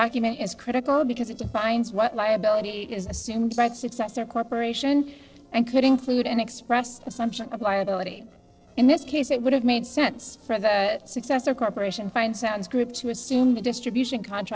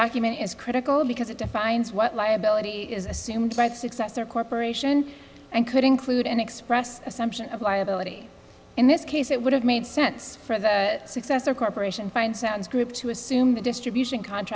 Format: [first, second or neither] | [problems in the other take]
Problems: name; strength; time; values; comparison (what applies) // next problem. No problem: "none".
second | noise reduction (neural separator model SepFormer DNS4)